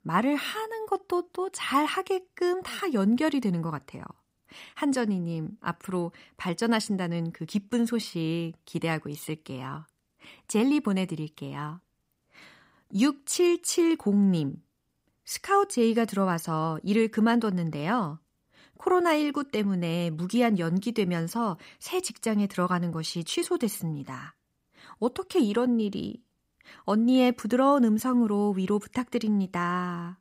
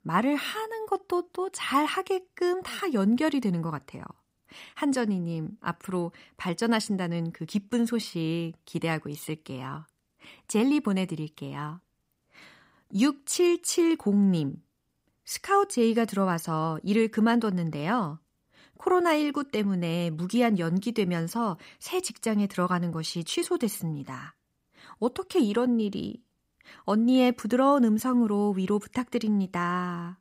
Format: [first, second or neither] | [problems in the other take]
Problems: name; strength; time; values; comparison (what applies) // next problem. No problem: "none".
neither | none